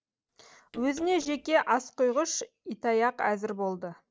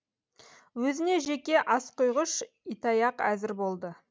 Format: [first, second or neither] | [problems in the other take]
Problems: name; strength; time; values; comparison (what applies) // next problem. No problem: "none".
second | noise reduction (neural separator model SepFormer DNS4)